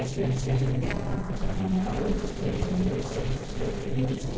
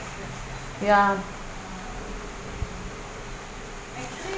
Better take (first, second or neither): second